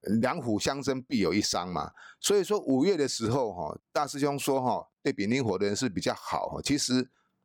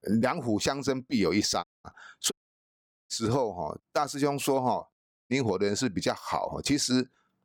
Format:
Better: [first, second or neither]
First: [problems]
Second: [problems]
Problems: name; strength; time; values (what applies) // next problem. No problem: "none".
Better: first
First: none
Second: audio cutting out; at 1.5 s, at 2.5 s for 1 s and at 5 s